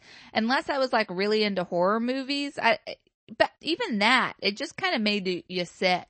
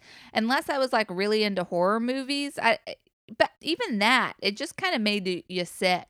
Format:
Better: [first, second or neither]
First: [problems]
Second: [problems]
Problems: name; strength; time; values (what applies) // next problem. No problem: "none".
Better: second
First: garbled, watery; slightly; nothing above 8 kHz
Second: none